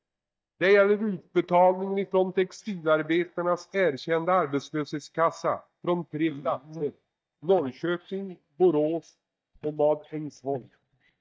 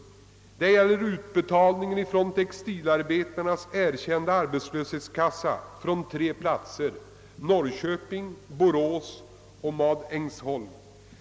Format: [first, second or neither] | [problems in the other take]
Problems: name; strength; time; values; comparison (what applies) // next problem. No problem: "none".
second | noise reduction (neural mask model DeepFilterNet 3)